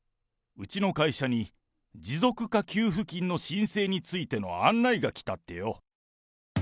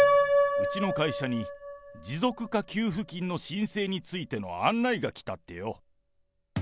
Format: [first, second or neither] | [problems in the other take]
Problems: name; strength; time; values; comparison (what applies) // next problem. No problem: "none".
first | background sound (Piano); as loud as the speech